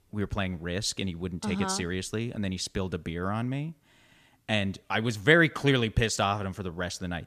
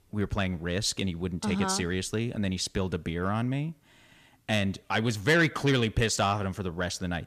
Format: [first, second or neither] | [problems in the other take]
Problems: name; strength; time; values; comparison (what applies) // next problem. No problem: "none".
first | distortion; slight; 10 dB below the speech